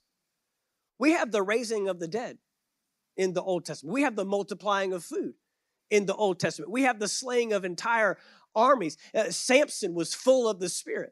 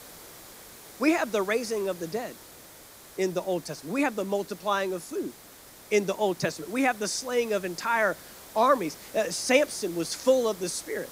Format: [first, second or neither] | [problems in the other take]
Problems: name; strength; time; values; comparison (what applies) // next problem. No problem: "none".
first | hiss; noticeable; throughout; 20 dB below the speech